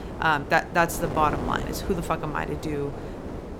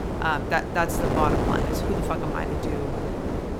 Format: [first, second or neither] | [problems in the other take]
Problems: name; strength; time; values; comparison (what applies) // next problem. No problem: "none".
first | wind noise on the microphone; heavy; 3 dB below the speech; occasional gusts in the first